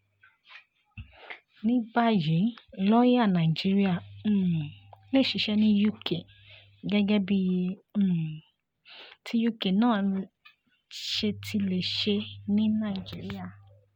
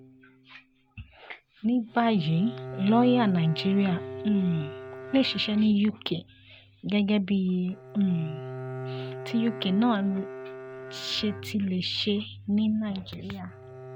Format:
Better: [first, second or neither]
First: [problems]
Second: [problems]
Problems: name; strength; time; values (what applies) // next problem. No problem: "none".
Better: first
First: none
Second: background sound (Bowed string instrument); 13 dB below the speech